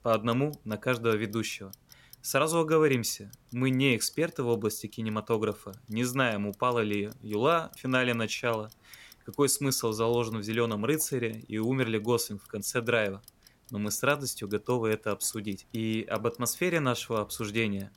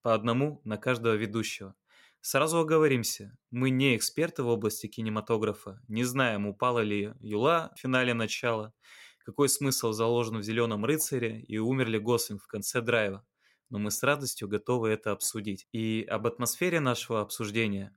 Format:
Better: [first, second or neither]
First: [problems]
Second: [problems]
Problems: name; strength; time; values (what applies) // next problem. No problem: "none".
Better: second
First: household noises; faint; throughout; 25 dB below the speech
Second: none